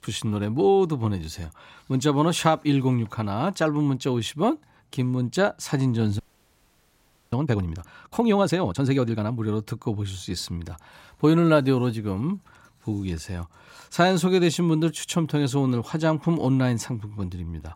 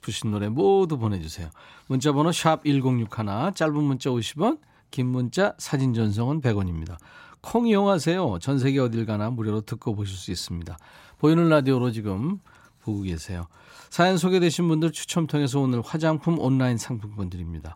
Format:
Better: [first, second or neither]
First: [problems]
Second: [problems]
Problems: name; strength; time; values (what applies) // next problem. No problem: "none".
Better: second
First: audio freezing; at 6 s for 1 s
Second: none